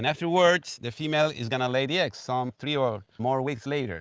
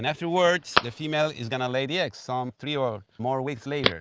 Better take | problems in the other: first | background sound (Telephone); 6 dB below the speech

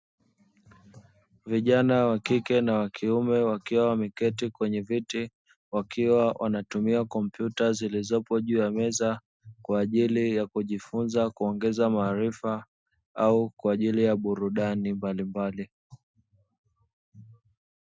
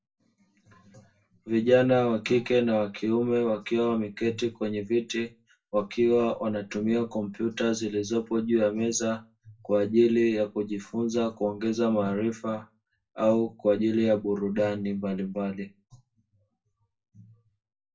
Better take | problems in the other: first | room echo; dies away in 0.2 s

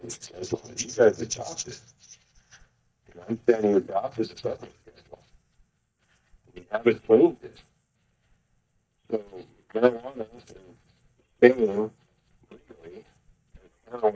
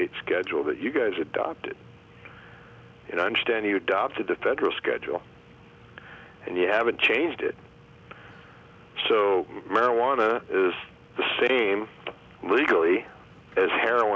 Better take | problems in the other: second | noise reduction (neural mask model DeepFilterNet 3)

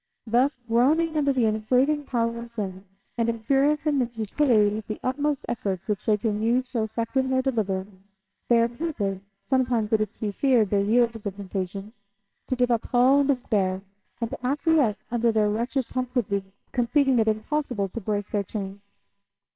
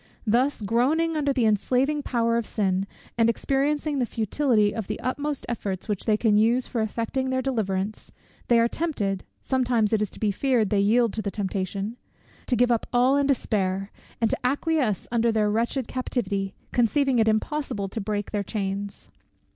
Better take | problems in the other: second | noise reduction (neural separator model SepFormer WHAMR!)

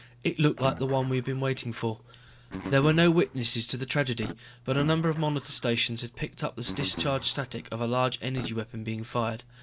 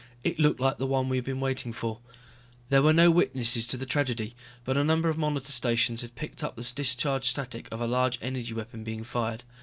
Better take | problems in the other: second | background sound (Guitar); 13 dB below the speech

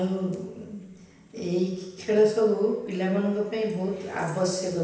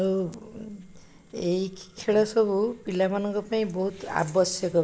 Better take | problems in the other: second | room echo; dies away in 0.9 s

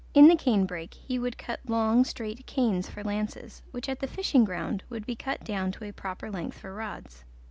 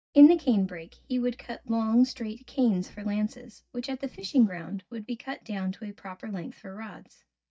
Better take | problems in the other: first | noise reduction (neural mask model DeepFilterNet 3)

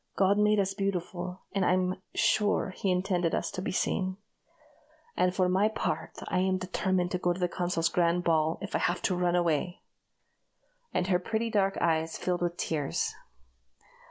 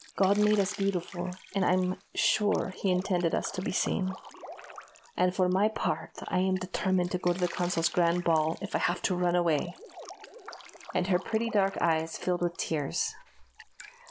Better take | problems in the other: first | background sound (Drip); 18 dB below the speech

